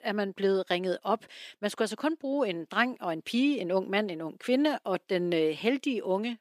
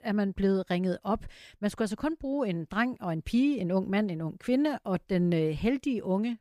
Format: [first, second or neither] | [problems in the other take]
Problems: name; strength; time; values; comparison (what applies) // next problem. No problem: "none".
second | thin; very slightly; fading below 300 Hz